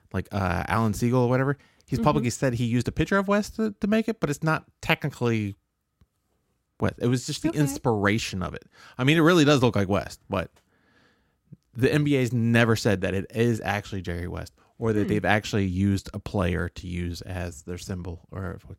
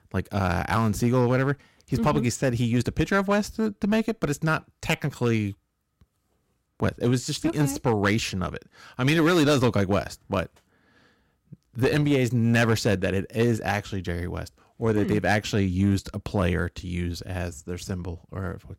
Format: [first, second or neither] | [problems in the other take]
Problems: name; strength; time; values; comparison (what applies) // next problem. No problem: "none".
first | distortion; slight; 5% of the sound clipped